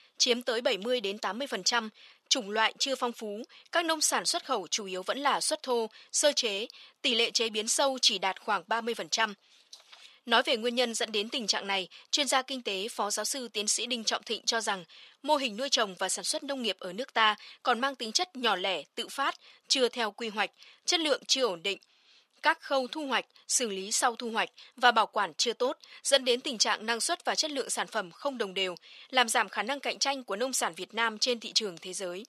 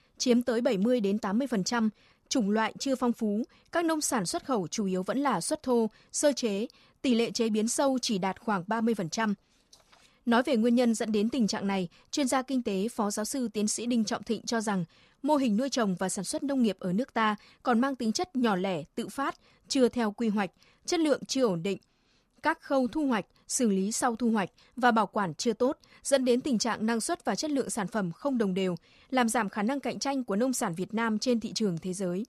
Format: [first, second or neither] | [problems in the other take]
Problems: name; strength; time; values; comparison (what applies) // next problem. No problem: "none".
second | thin; somewhat; fading below 500 Hz